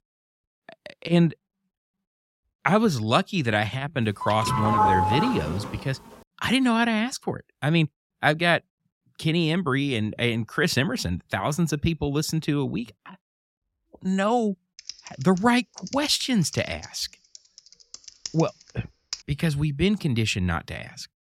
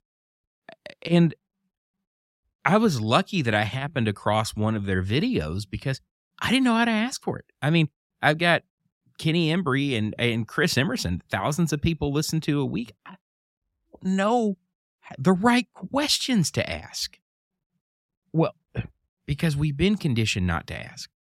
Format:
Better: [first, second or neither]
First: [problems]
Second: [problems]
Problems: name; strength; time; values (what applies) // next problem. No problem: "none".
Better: second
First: doorbell; loud; from 4 to 5.5 s; peak 4 dB above the speech // keyboard typing; faint; from 15 to 19 s; peak 10 dB below the speech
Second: none